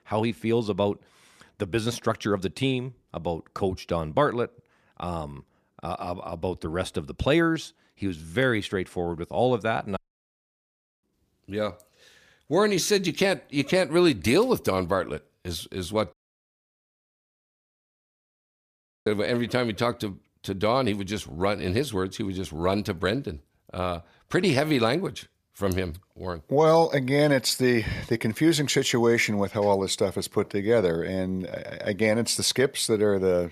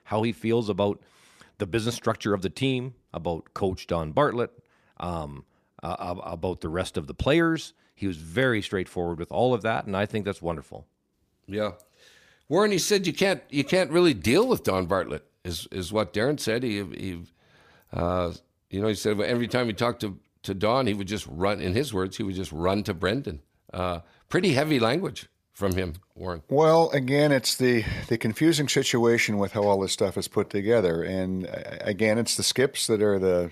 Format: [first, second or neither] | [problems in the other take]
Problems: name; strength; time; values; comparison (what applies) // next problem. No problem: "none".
second | audio cutting out; at 10 s for 1 s and at 16 s for 3 s